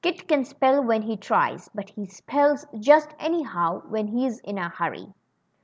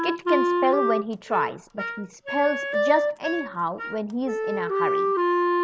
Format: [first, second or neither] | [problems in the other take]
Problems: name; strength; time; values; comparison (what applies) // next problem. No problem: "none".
first | background sound (Wind instrument, woodwind instrument); 2 dB above the speech